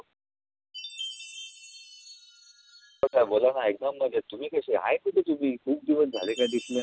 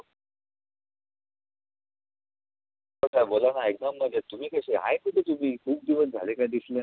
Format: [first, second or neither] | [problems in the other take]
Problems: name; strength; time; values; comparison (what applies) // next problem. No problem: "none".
second | background sound (Chime); 17 dB below the speech